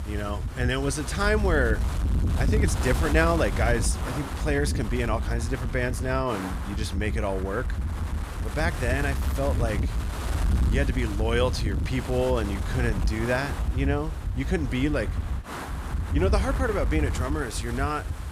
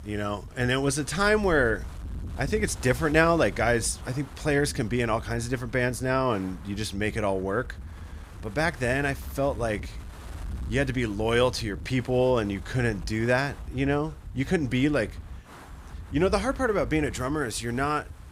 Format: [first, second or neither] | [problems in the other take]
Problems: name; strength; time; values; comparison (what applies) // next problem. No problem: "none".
second | wind noise on the microphone; heavy; 9 dB below the speech; occasional gusts in the second